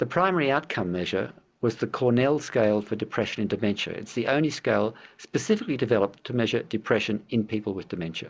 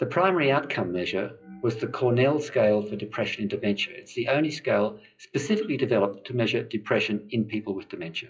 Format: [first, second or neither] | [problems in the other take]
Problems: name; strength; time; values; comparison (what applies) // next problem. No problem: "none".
first | noise reduction (classical method WPE with log-MMSE)